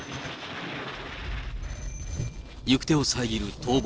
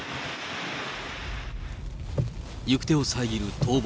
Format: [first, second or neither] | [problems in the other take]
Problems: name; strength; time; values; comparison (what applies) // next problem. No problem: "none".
second | noise reduction (neural separator model SepFormer DNS4)